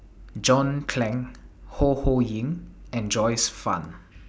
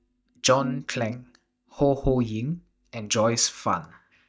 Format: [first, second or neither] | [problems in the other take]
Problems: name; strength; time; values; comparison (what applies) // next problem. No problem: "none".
first | noise reduction (neural mask model DeepFilterNet 3)